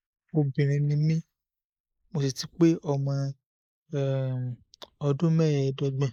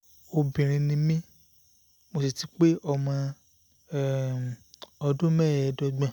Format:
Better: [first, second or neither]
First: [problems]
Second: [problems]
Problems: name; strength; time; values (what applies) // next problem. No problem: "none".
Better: second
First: noise reduction (neural mask model Resemble Enhance denoiser)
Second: none